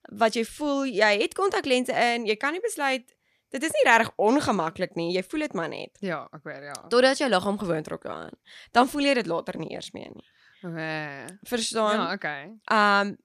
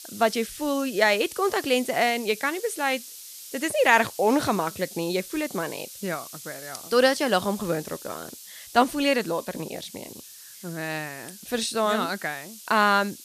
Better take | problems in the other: first | hiss; noticeable; throughout; 15 dB below the speech

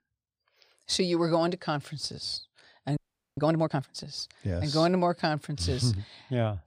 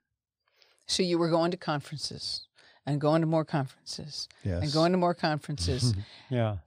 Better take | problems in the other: second | audio freezing; at 3 s

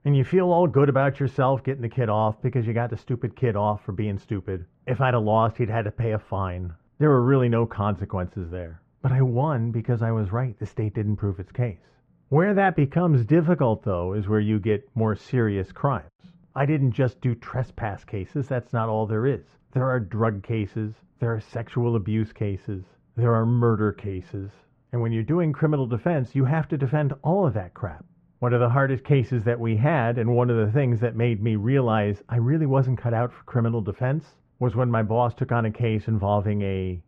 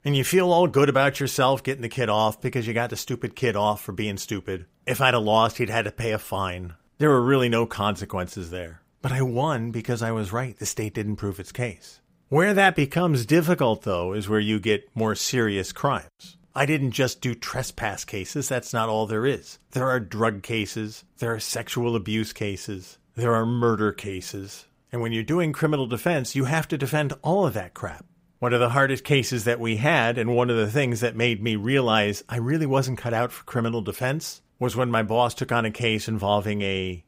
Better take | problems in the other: second | muffled; very; fading above 1.5 kHz

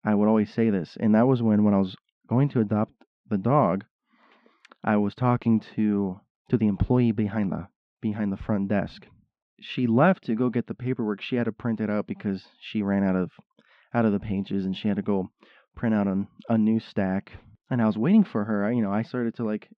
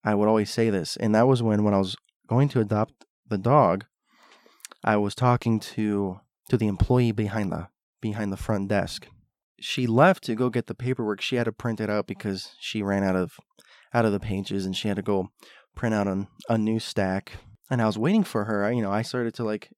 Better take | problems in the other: second | muffled; slightly; fading above 3 kHz

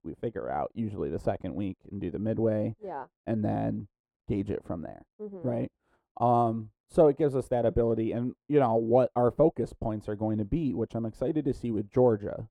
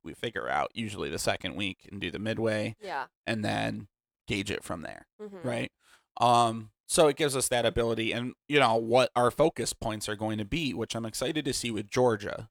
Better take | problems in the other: second | muffled; very; fading above 1.5 kHz

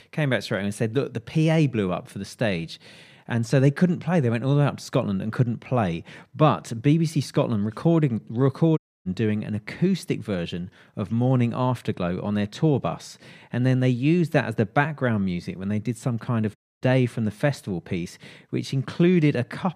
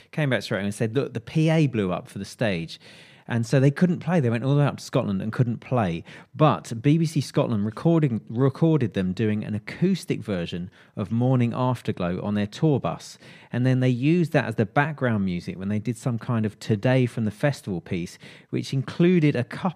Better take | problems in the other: second | audio cutting out; at 9 s and at 17 s

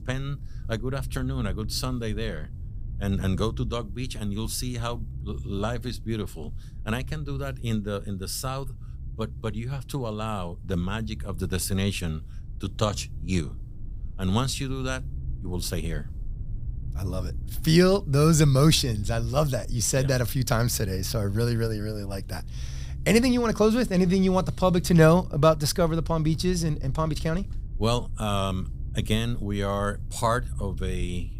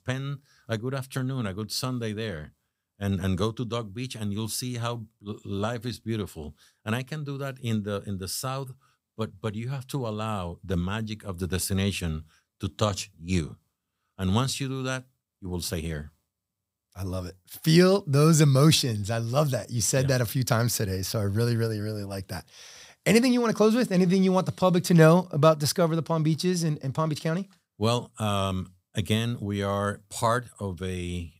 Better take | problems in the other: second | low rumble; faint; throughout; 25 dB below the speech

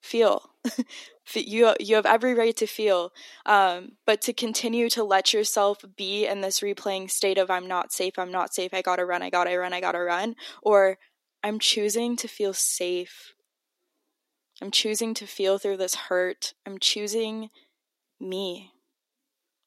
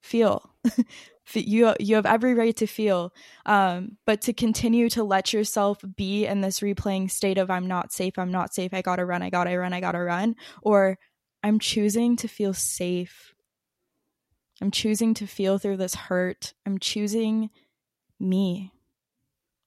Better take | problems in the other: second | thin; somewhat; fading below 300 Hz

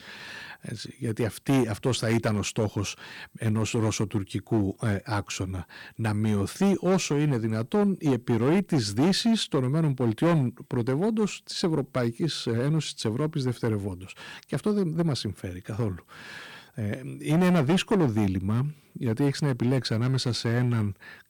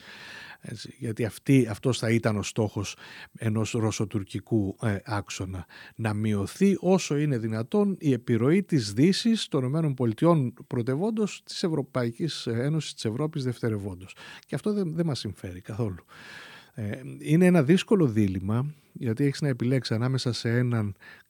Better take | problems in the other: second | distortion; slight; 7% of the sound clipped

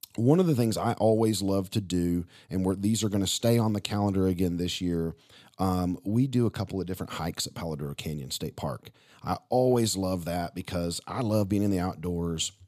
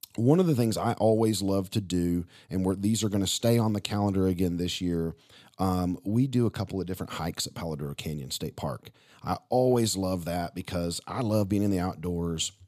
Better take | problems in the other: neither | none

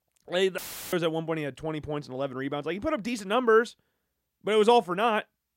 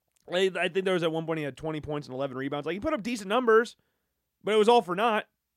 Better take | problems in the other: second | audio cutting out; filled with static; at 0.5 s

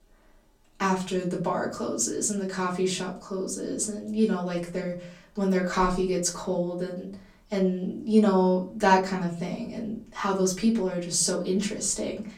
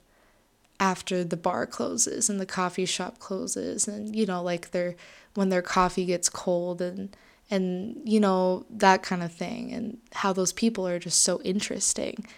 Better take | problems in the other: second | off-mic speech; far // room echo; slight; dies away in 0.4 s

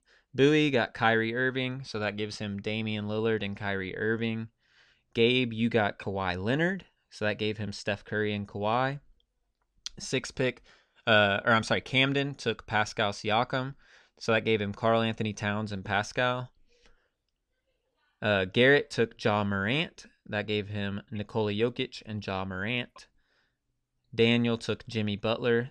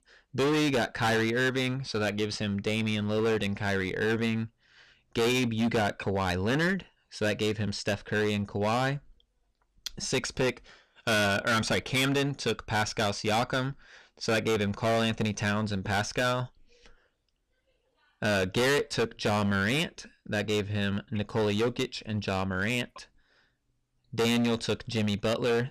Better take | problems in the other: first | distortion; heavy; 14% of the sound clipped

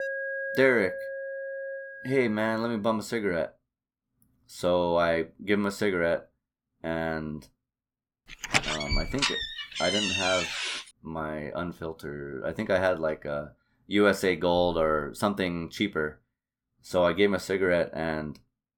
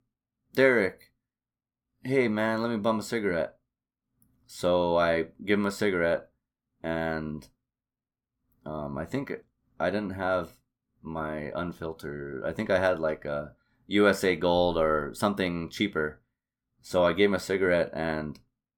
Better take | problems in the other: second | alarm; noticeable; until 2.5 s; peak 3 dB below the speech // door banging; loud; from 8.5 to 11 s; peak 2 dB above the speech

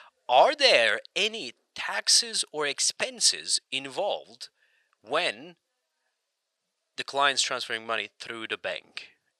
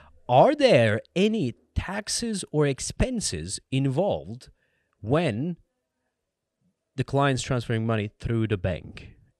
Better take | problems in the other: second | thin; very; fading below 850 Hz

